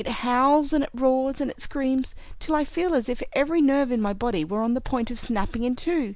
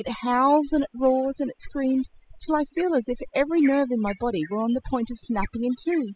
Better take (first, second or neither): first